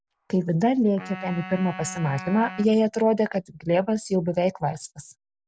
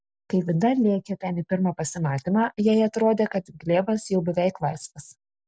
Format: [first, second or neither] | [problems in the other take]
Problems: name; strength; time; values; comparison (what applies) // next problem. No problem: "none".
second | background sound (Wind instrument, woodwind instrument); 16 dB below the speech